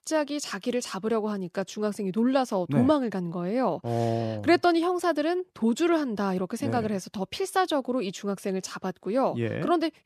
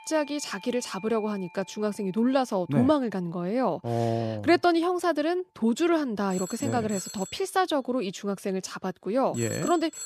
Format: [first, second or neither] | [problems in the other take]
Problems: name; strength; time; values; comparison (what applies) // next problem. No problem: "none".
first | alarms or sirens; noticeable; throughout; 15 dB below the speech